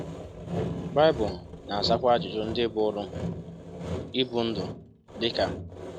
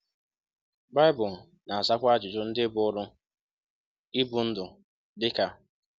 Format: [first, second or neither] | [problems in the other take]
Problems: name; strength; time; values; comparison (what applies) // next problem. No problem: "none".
second | background sound (Sawing); 7 dB below the speech